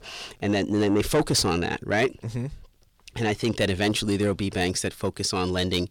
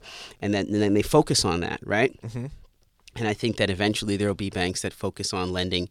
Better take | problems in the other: second | distortion; slight; 10 dB below the speech

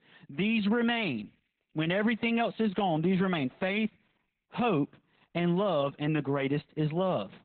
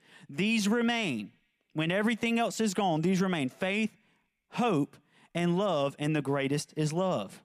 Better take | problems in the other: second | garbled, watery; badly; nothing above 4 kHz

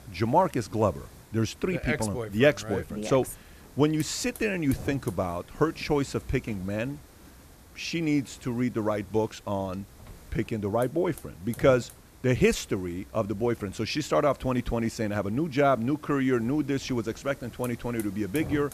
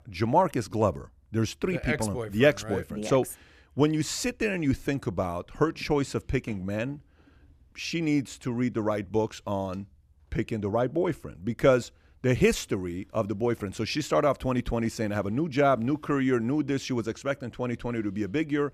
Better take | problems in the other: second | hiss; faint; throughout; 20 dB below the speech

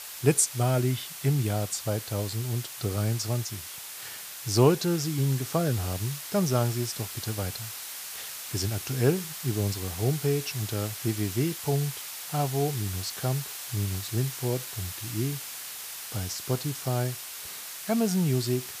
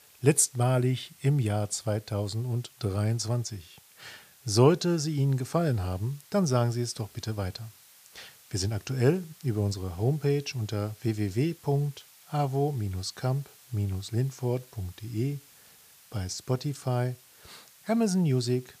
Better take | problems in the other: second | hiss; loud; throughout; 7 dB below the speech; faint in the second

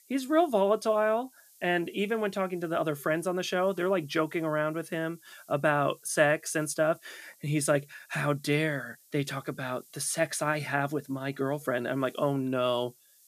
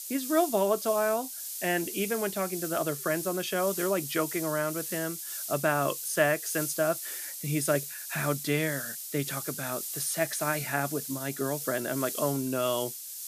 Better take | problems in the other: first | hiss; loud; throughout; 5 dB below the speech; faint in the first

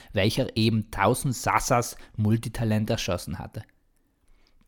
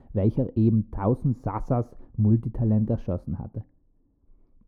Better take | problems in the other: first | muffled; very; fading above 1 kHz

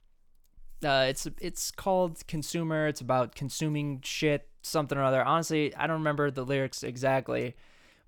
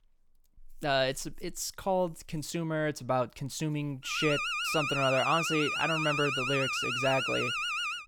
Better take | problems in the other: first | alarm; loud; from 4 s on; peak 2 dB above the speech

